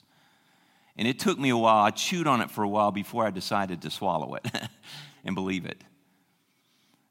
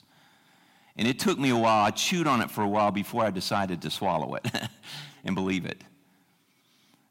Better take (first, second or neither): first